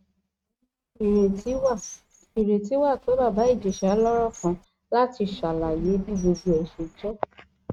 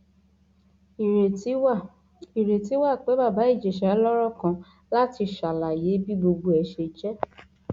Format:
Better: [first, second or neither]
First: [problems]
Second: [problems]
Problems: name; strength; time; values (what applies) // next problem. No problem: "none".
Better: second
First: noise reduction (neural mask model RNNoise)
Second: none